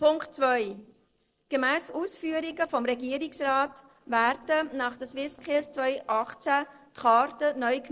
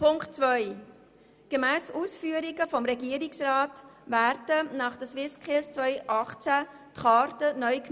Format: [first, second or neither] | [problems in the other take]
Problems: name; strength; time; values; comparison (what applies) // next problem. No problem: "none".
second | noise reduction (neural separator model SepFormer DNS4)